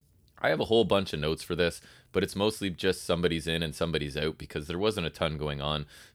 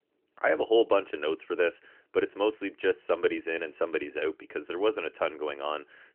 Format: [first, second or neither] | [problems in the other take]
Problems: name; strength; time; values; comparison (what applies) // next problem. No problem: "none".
first | phone-call audio; nothing above 3 kHz